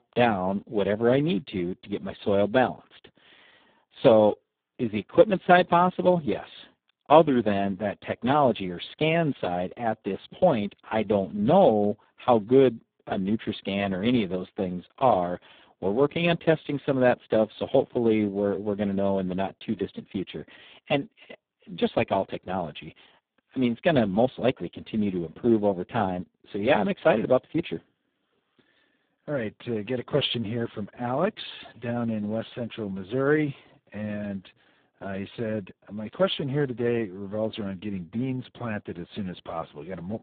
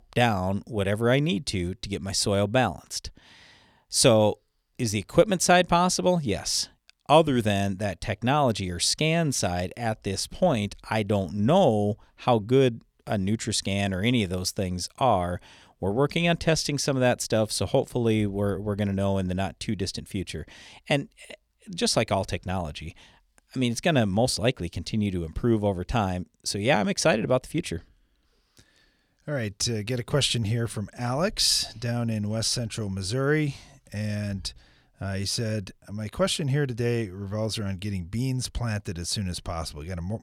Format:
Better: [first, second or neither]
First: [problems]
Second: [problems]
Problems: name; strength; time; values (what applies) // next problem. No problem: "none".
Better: second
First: phone-call audio; poor line; nothing above 3.5 kHz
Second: none